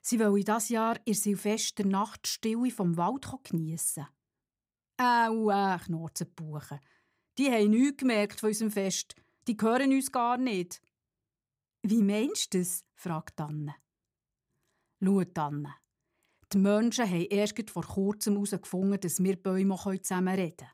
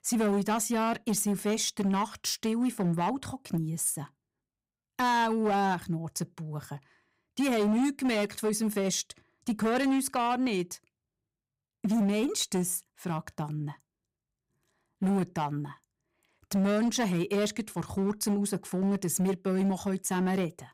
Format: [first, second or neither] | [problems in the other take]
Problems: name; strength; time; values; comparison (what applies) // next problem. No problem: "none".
first | distortion; slight; 11% of the sound clipped